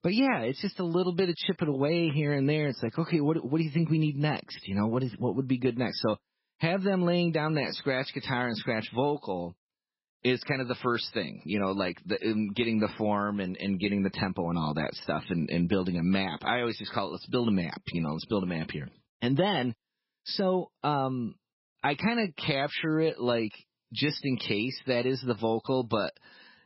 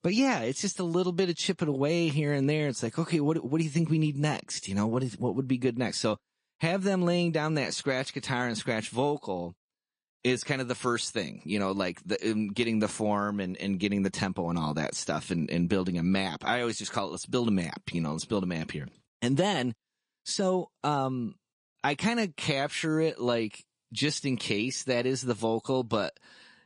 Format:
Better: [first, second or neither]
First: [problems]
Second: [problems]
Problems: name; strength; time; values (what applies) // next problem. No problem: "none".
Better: second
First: garbled, watery; badly; nothing above 5.5 kHz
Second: garbled, watery; slightly; nothing above 10 kHz